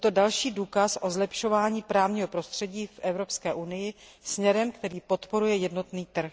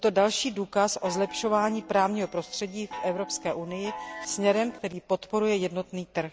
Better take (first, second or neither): first